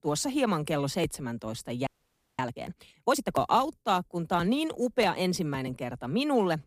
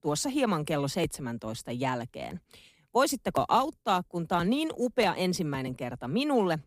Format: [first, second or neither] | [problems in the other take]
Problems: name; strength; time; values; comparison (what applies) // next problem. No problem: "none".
second | audio freezing; at 2 s for 0.5 s